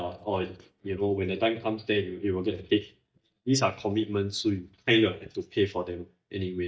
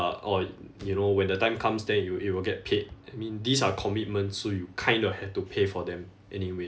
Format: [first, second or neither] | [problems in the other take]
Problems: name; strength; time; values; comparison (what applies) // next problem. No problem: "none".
second | noise reduction (neural mask model DeepFilterNet 3)